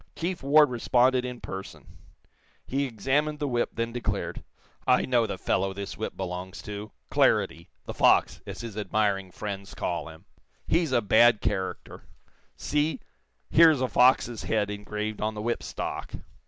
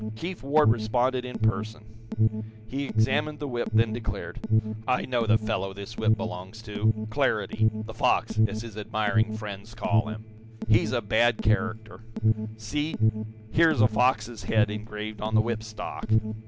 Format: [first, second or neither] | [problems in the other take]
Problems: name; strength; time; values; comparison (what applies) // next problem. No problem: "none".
first | background sound (Alarm); 2 dB above the speech